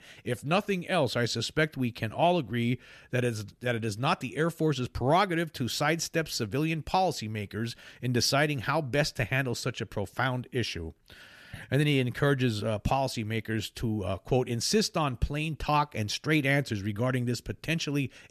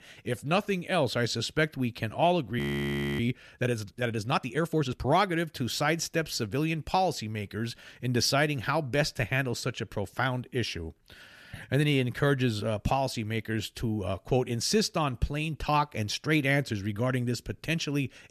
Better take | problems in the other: first | audio freezing; at 2.5 s for 0.5 s

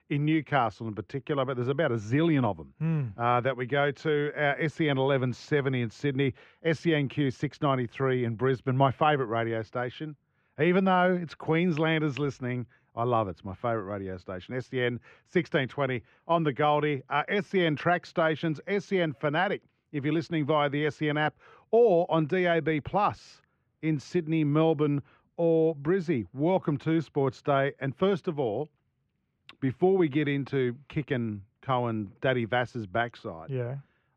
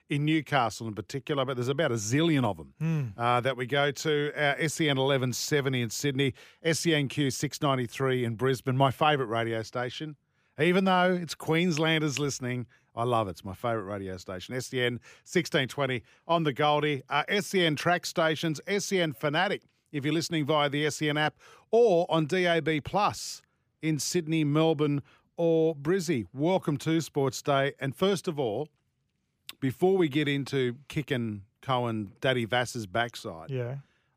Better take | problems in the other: second | muffled; very; fading above 2 kHz

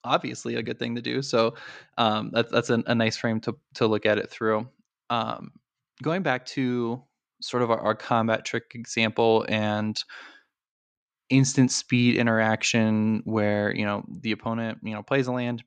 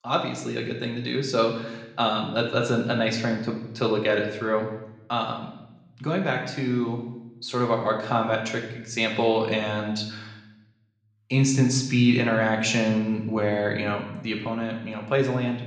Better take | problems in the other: first | room echo; slight; dies away in 0.8 s // off-mic speech; somewhat distant

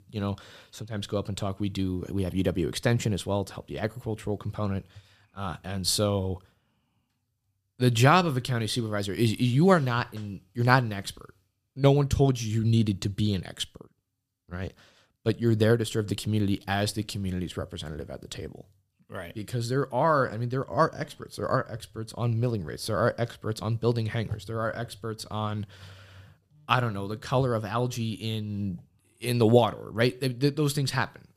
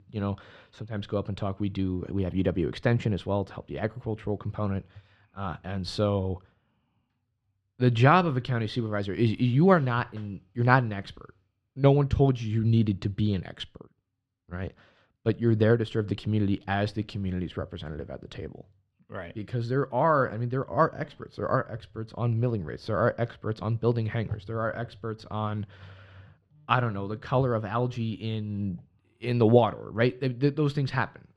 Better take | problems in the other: first | muffled; slightly; fading above 2.5 kHz

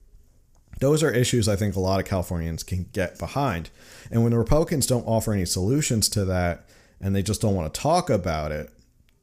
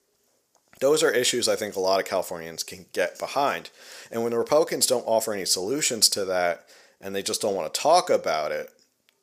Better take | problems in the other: first | thin; very; fading below 500 Hz

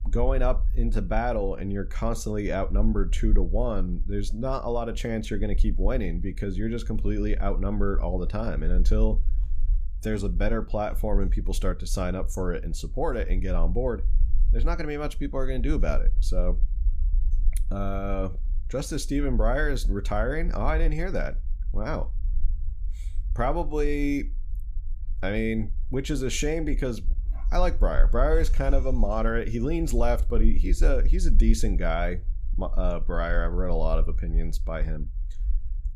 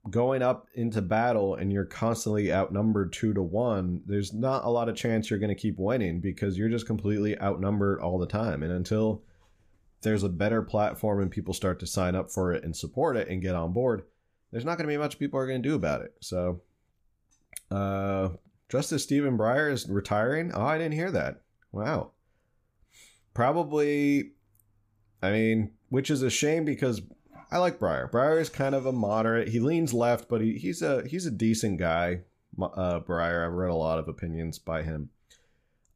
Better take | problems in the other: second | low rumble; faint; throughout; 25 dB below the speech

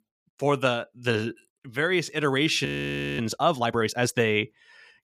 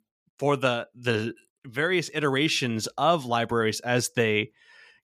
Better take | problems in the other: second | audio freezing; at 2.5 s for 0.5 s

